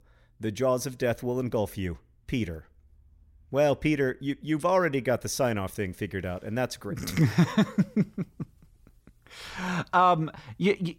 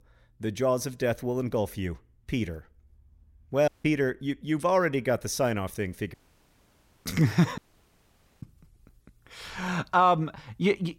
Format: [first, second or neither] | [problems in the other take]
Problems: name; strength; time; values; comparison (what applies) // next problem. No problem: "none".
first | audio cutting out; at 3.5 s, at 6 s for 1 s and at 7.5 s for 1 s